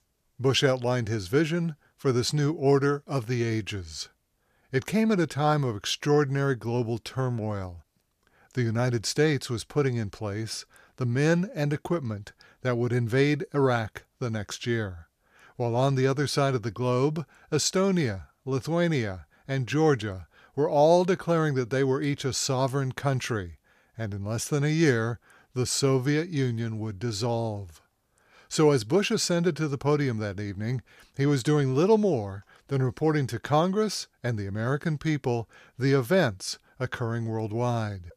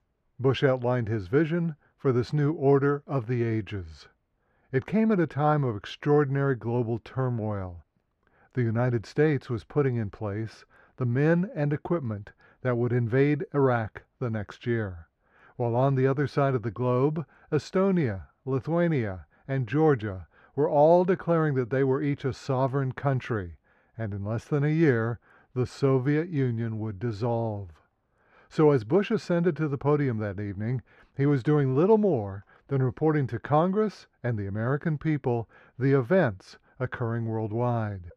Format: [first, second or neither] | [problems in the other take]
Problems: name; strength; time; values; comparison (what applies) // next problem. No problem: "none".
first | muffled; very; fading above 3.5 kHz